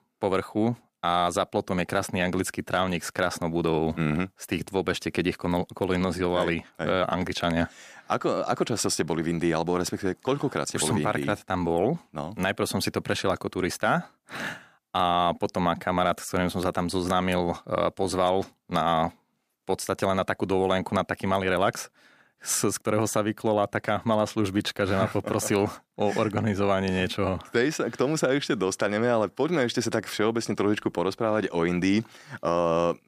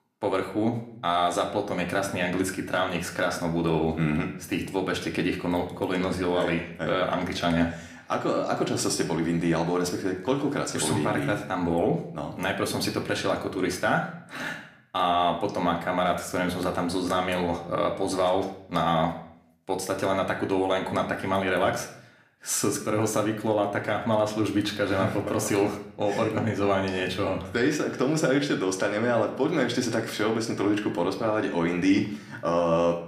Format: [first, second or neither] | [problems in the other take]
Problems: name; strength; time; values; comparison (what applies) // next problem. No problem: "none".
first | room echo; slight; dies away in 0.5 s // off-mic speech; somewhat distant